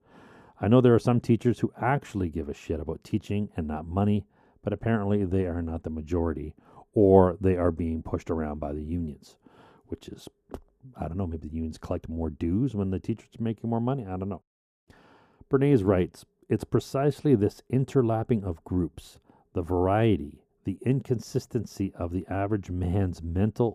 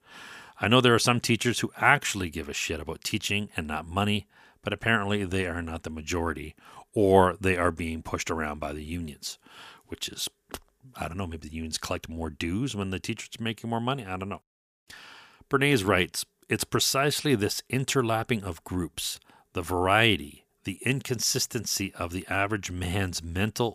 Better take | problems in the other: second | muffled; very; fading above 1 kHz

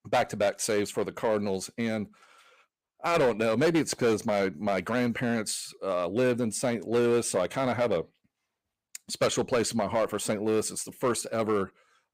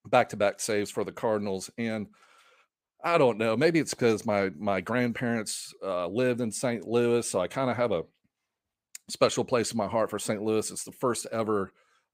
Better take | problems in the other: second | distortion; slight; 5% of the sound clipped

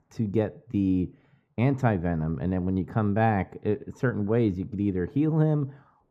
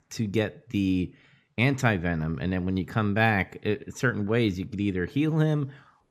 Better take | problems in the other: second | muffled; slightly; fading above 1.5 kHz

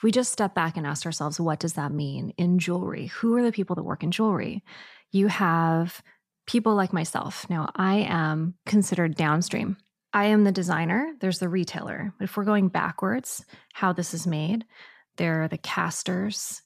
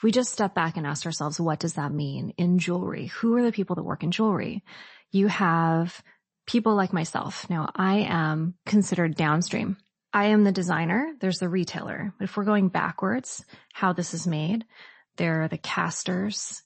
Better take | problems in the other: first | garbled, watery; slightly; nothing above 8 kHz

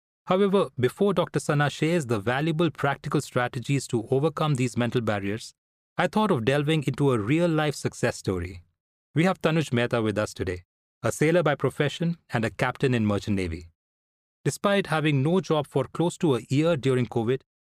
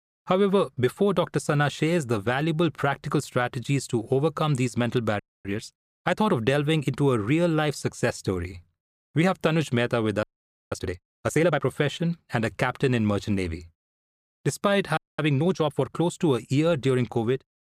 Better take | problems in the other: first | audio freezing; at 5 s, at 10 s and at 15 s

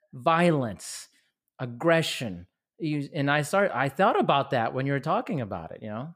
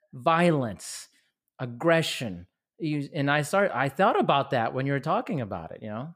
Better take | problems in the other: neither | none

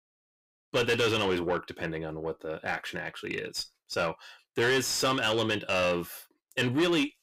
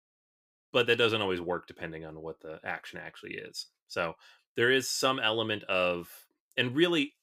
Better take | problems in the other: second | distortion; heavy; 7 dB below the speech

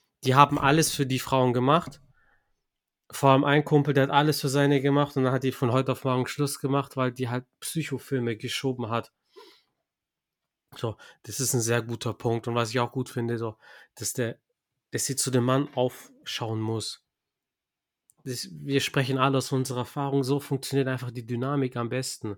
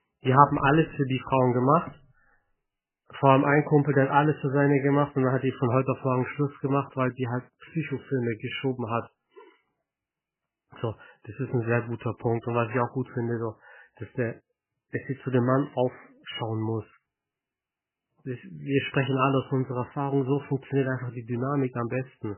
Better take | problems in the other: first | garbled, watery; badly; nothing above 3 kHz

